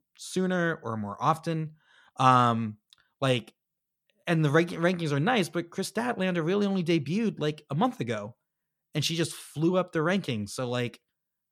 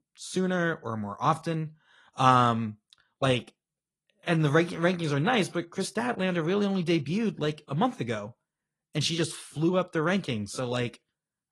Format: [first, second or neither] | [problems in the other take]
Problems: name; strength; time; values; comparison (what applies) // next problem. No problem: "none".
first | garbled, watery; slightly; nothing above 11 kHz